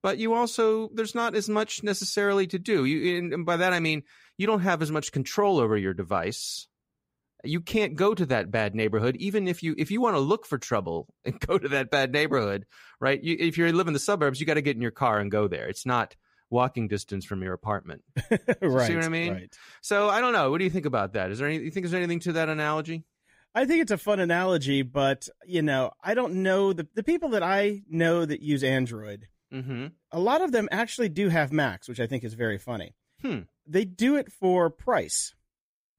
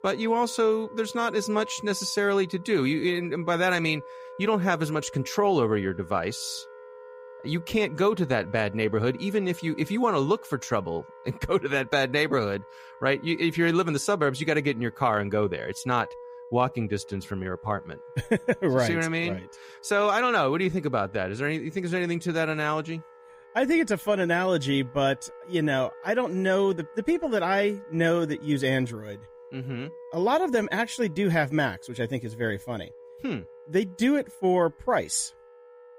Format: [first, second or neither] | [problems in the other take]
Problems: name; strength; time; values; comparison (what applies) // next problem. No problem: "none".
first | background music; noticeable; throughout; 20 dB below the speech